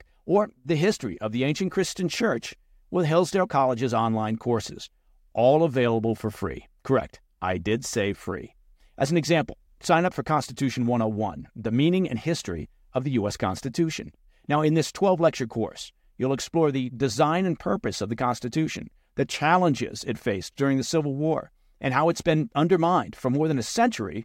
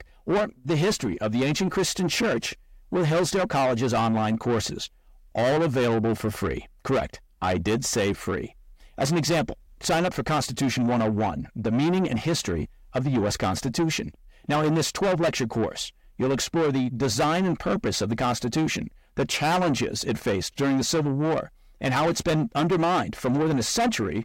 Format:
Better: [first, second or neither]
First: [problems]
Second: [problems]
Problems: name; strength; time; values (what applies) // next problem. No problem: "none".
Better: first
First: none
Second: distortion; heavy; 6 dB below the speech